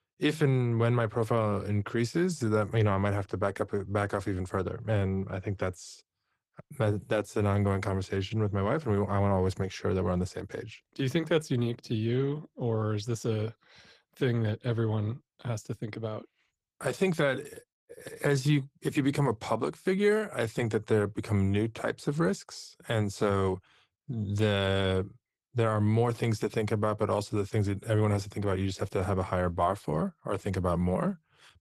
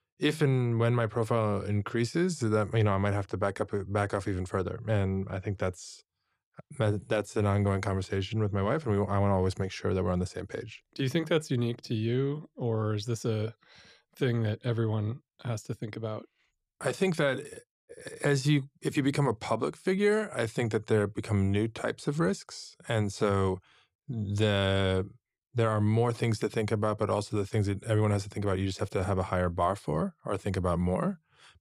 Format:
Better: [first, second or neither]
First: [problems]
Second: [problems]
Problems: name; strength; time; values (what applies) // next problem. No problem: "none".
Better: second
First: garbled, watery; slightly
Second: none